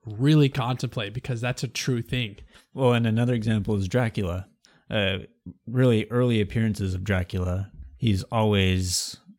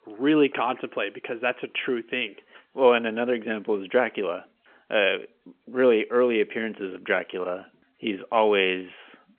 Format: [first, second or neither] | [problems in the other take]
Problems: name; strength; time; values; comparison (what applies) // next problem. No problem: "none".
first | phone-call audio; nothing above 3.5 kHz